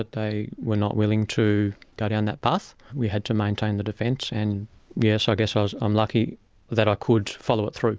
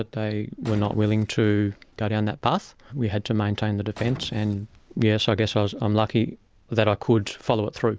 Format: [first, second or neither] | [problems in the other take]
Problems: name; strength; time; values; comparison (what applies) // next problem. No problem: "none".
first | background sound (Boom); 18 dB below the speech